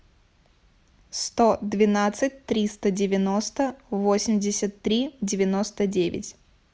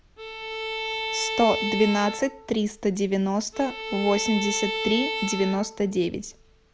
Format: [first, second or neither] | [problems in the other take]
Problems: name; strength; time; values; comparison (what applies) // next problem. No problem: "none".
first | background sound (Bowed string instrument); 6 dB below the speech